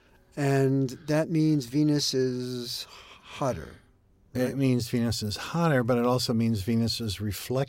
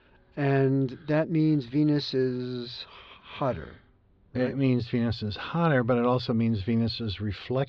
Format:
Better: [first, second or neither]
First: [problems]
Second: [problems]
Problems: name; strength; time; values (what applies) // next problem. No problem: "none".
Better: first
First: none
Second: muffled; slightly; fading above 4 kHz